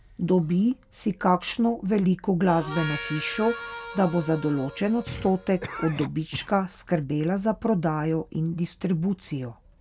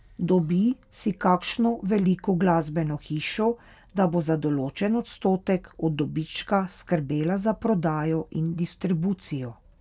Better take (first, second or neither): second